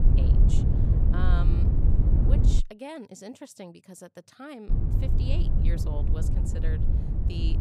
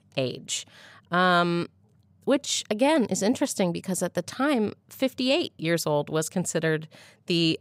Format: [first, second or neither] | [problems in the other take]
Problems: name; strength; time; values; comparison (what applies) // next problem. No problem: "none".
second | wind noise on the microphone; heavy; until 2.5 s and from 4.5 s on; 2 dB above the speech